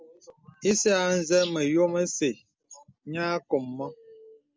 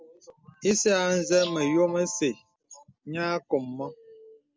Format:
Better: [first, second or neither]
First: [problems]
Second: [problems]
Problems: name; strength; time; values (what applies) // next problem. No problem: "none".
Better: first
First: none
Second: background sound (Ringtone); 14 dB below the speech